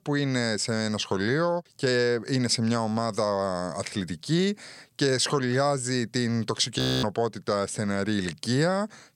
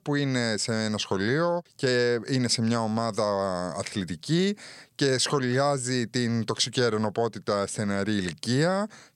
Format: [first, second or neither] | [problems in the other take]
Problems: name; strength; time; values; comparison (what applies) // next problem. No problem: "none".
second | audio freezing; at 7 s